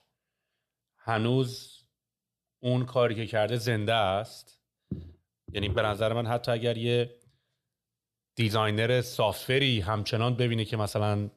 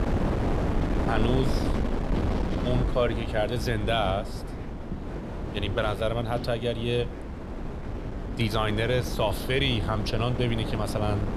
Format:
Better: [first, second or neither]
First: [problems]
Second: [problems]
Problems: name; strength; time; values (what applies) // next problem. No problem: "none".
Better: first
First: none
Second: wind noise on the microphone; heavy; 7 dB below the speech